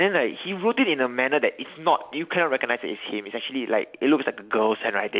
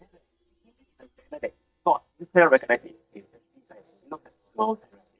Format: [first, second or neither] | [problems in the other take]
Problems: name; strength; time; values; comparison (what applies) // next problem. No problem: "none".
first | noise reduction (neural mask model DeepFilterNet 3)